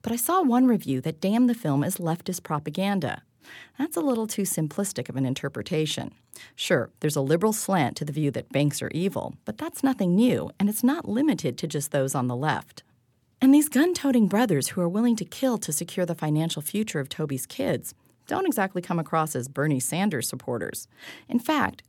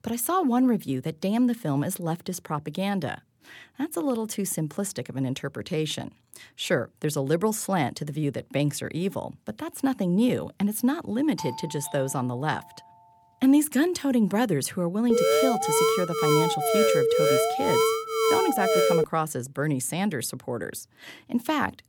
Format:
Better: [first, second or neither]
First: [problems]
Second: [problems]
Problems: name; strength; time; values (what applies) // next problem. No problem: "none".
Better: first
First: none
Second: doorbell; faint; from 11 to 13 s; peak 10 dB below the speech // alarm; loud; from 15 to 19 s; peak 6 dB above the speech